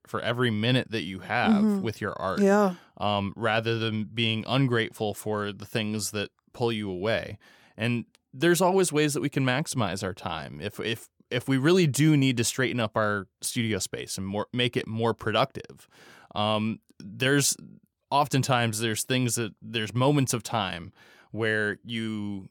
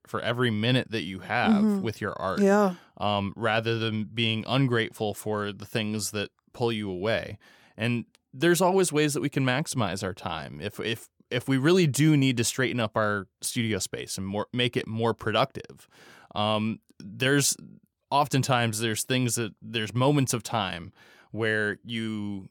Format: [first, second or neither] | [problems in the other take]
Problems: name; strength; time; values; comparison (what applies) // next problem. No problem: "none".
neither | none